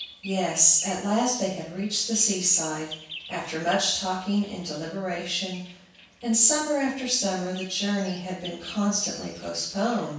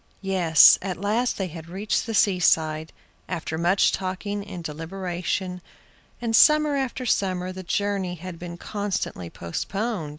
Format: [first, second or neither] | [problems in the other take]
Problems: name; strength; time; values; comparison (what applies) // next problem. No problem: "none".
second | background sound (Bird vocalization, bird call, bird song); 20 dB below the speech // room echo; dies away in 0.7 s